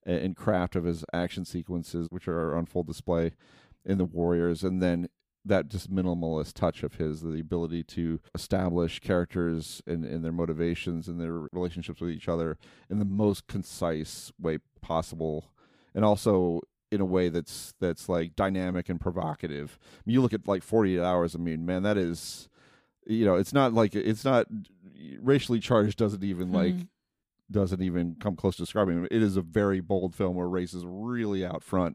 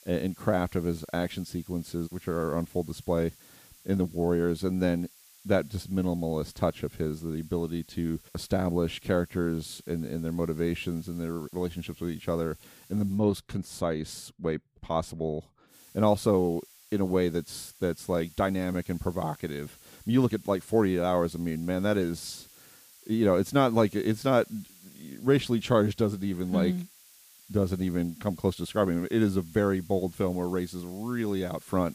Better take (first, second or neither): first